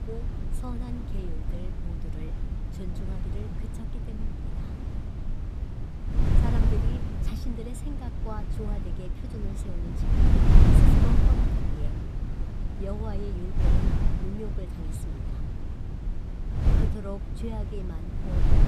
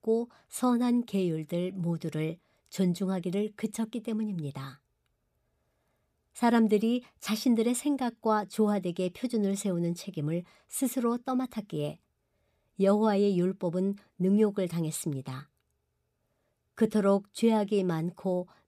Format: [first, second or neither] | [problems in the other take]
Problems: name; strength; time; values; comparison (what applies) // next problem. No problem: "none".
second | wind noise on the microphone; heavy; 4 dB above the speech